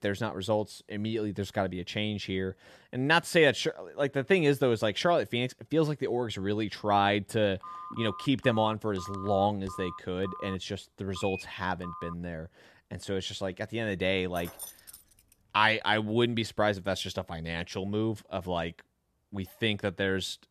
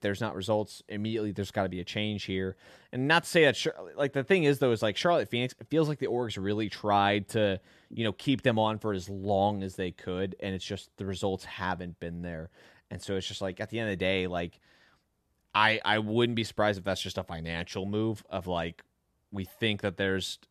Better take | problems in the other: second | phone ringing; faint; from 7.5 to 12 s; peak 10 dB below the speech // jangling keys; faint; at 14 s; peak 10 dB below the speech

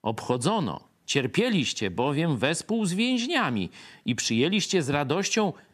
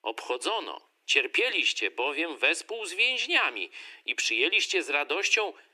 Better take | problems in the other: first | thin; very; fading below 300 Hz

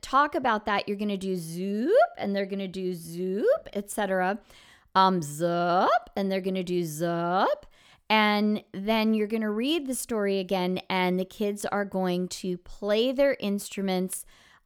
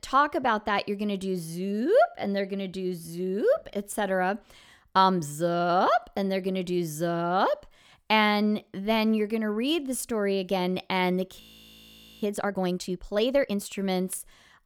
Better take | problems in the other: first | audio freezing; at 11 s for 1 s

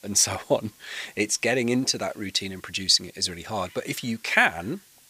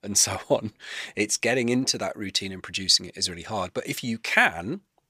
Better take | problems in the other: second | hiss; faint; throughout; 25 dB below the speech

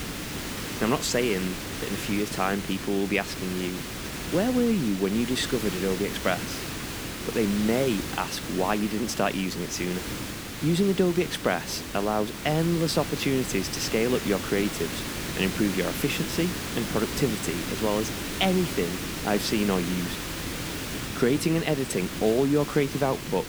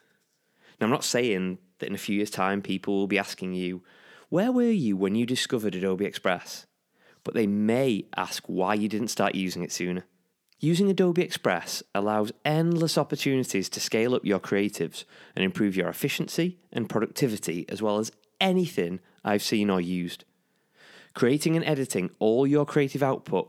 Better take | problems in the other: second | hiss; loud; throughout; 6 dB below the speech

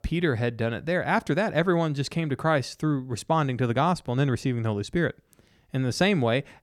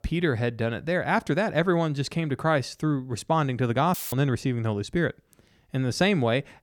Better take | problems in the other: first | audio cutting out; filled with static; at 4 s

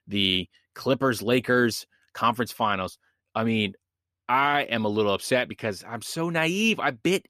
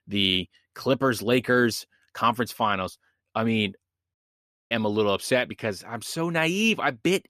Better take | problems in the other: first | audio cutting out; at 4 s for 0.5 s

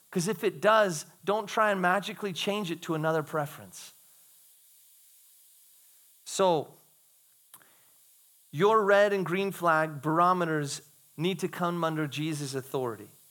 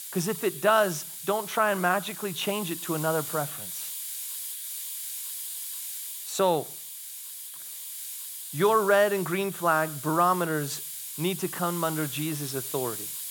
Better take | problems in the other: first | hiss; loud; throughout; 8 dB below the speech; faint in the first

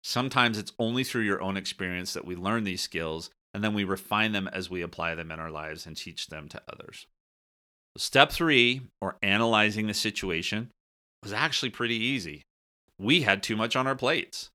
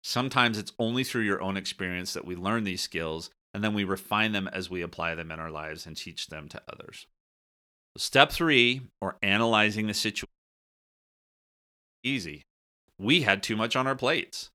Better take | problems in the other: first | audio cutting out; at 10 s for 2 s

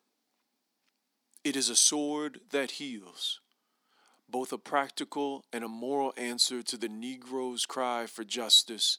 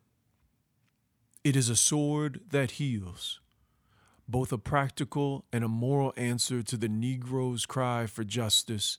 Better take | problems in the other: second | thin; somewhat; fading below 250 Hz

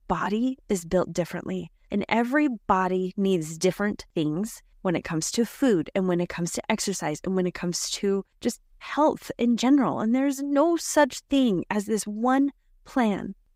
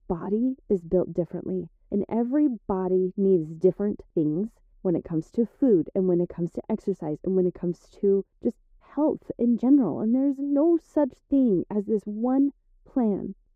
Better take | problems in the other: first | muffled; very; fading above 1 kHz

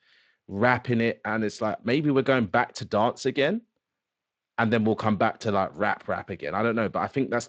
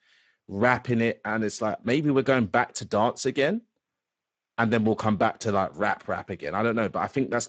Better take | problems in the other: first | garbled, watery; badly; nothing above 8 kHz; slightly in the first

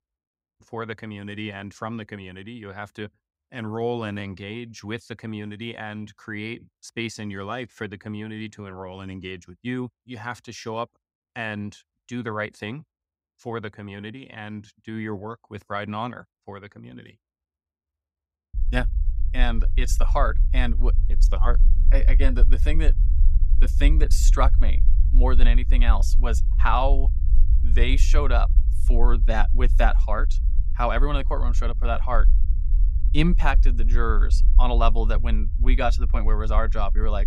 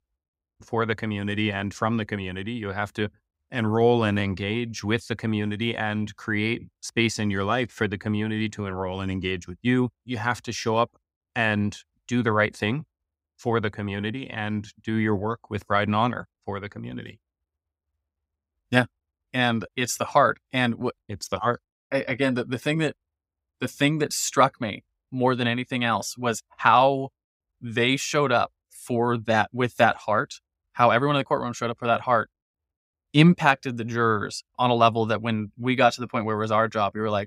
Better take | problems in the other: second | low rumble; noticeable; from 19 s on; 15 dB below the speech

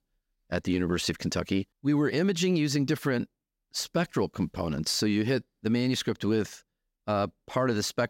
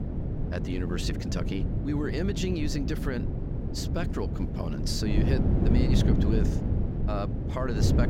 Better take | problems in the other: first | wind noise on the microphone; heavy; 2 dB below the speech

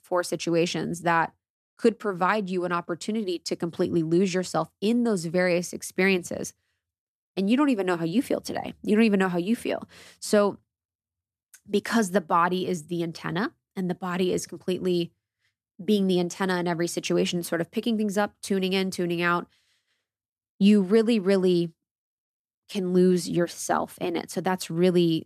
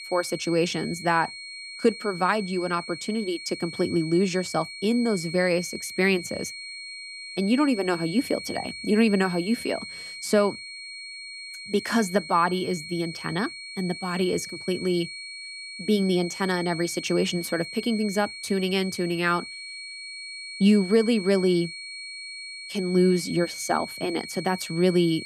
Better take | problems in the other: first | high-pitched whine; noticeable; throughout; 2.5 kHz, 10 dB below the speech

